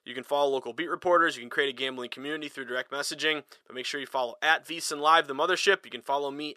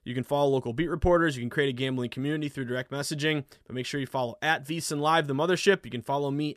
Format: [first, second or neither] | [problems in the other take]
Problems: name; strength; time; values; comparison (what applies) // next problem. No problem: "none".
second | thin; somewhat; fading below 450 Hz